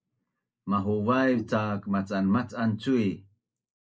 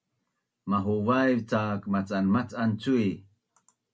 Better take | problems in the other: second | noise reduction (neural mask model Resemble Enhance denoiser)

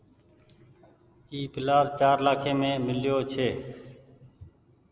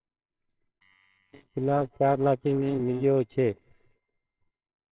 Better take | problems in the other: first | noise reduction (neural separator model SepFormer WHAMR!)

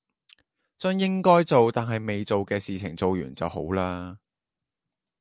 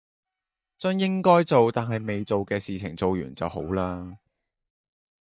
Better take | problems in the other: first | noise reduction (neural mask model DeepFilterNet 3)

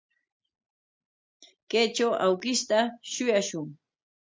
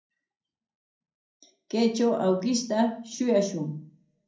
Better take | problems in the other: first | room echo; dies away in 0.6 s

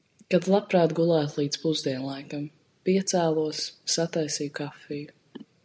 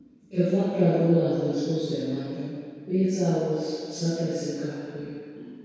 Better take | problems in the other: first | room echo; dies away in 2 s

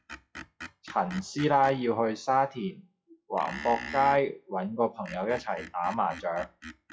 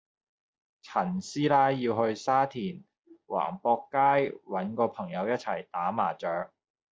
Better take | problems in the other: second | noise reduction (classical method WPE with log-MMSE)

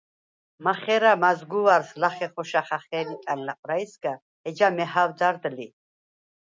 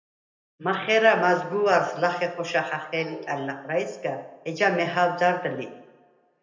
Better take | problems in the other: first | room echo; dies away in 0.7 s

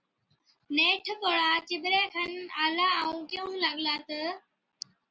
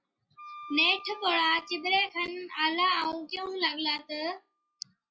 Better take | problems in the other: first | noise reduction (classical method log-MMSE)

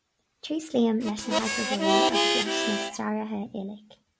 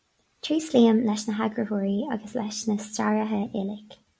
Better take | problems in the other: second | background sound (Harmonica); 5 dB above the speech

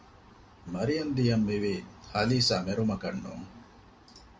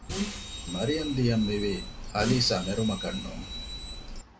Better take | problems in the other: first | background sound (Bus); 7 dB below the speech

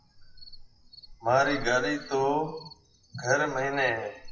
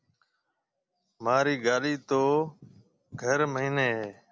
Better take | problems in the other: second | noise reduction (classical method WPE with log-MMSE)

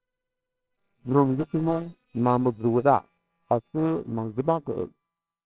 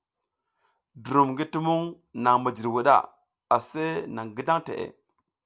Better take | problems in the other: second | noise reduction (neural separator model SepFormer WHAMR!)

